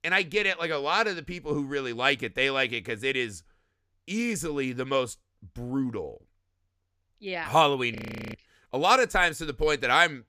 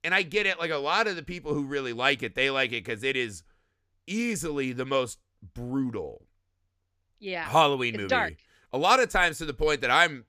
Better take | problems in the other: second | audio freezing; at 8 s

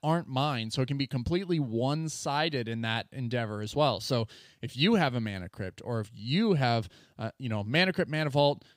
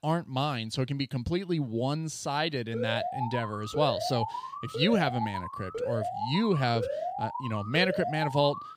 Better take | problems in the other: first | alarm; noticeable; from 2.5 s on; peak 3 dB below the speech

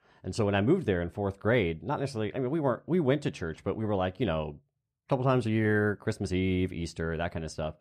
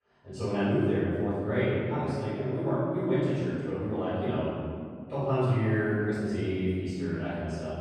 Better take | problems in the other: first | room echo; strong; dies away in 2 s // off-mic speech; far

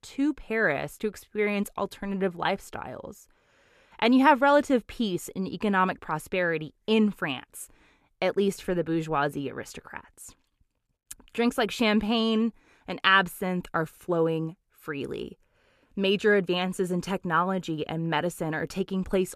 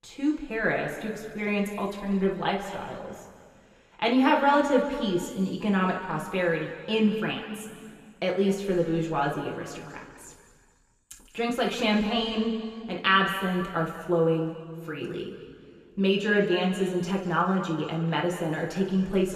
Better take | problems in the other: first | room echo; noticeable; dies away in 2 s // off-mic speech; somewhat distant

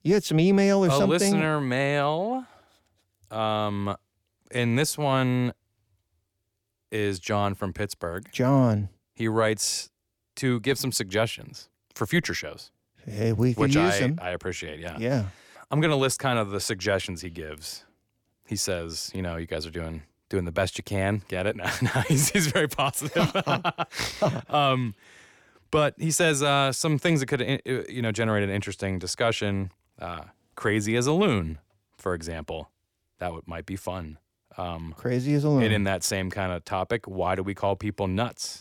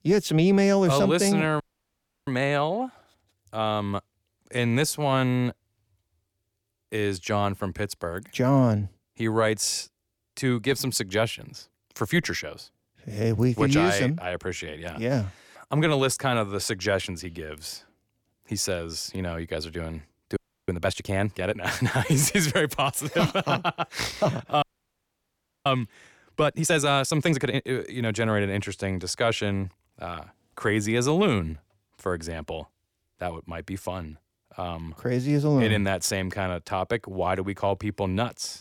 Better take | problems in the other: first | audio freezing; at 1.5 s for 0.5 s, at 20 s and at 25 s for 1 s

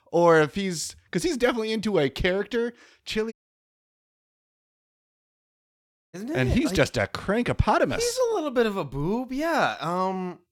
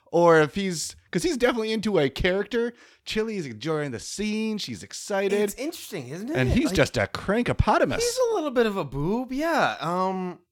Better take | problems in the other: second | audio cutting out; at 3.5 s for 3 s

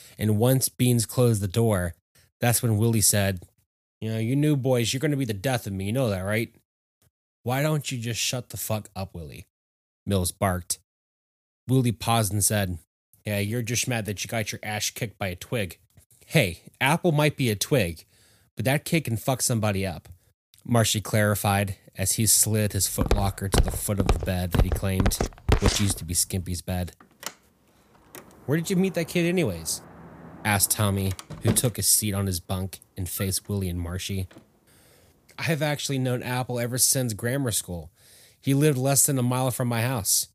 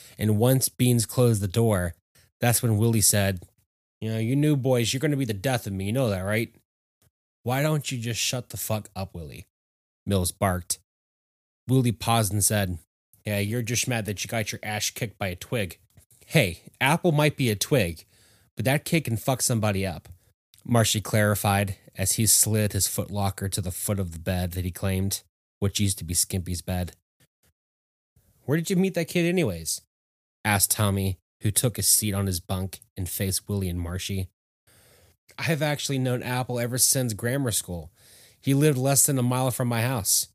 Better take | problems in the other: second | footsteps; loud; from 23 to 26 s; peak 1 dB above the speech // door banging; noticeable; from 27 to 33 s; peak 5 dB below the speech

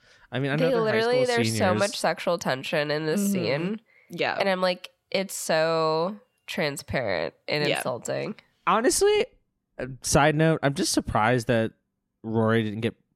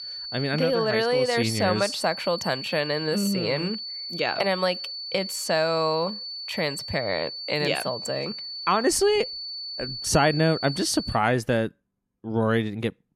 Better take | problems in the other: first | high-pitched whine; loud; until 11 s; 4.5 kHz, 7 dB below the speech

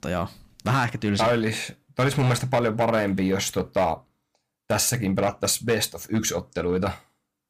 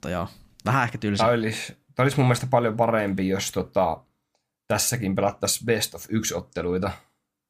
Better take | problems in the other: second | distortion; slight; 6% of the sound clipped

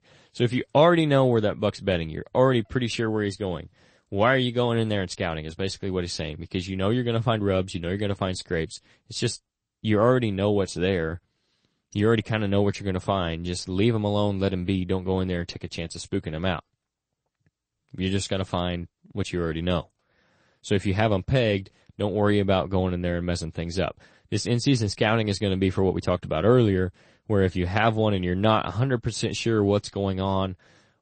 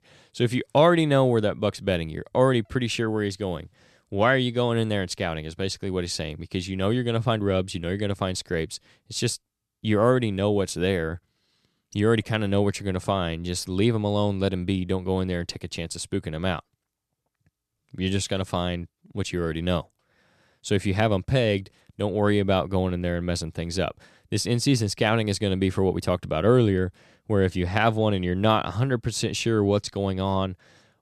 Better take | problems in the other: second | garbled, watery; slightly; nothing above 8 kHz

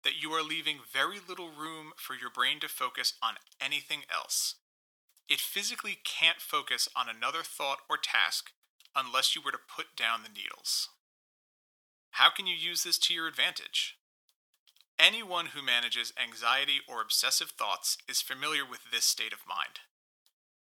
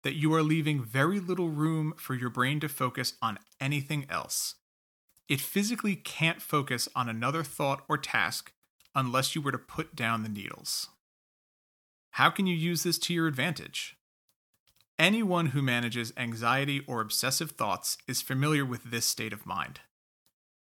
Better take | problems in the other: second | thin; very; fading below 700 Hz

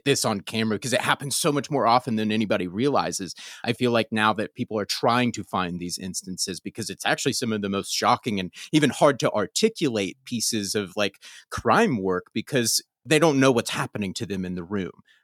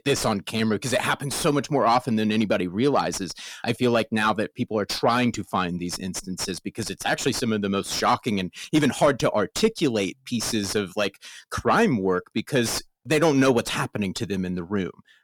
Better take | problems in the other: first | distortion; slight; 10 dB below the speech

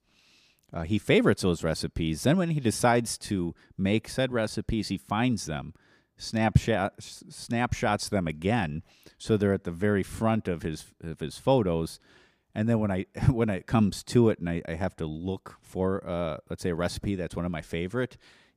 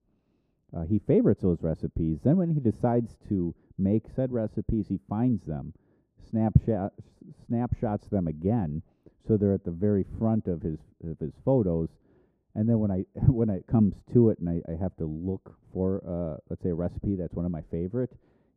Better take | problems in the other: first | muffled; very; fading above 1.5 kHz

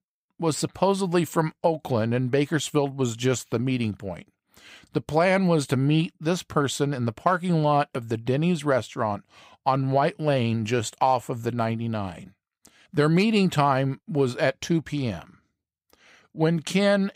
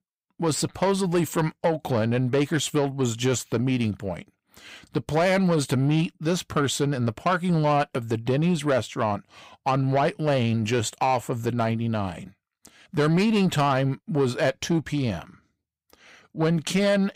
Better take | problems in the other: first | distortion; slight; 10 dB below the speech

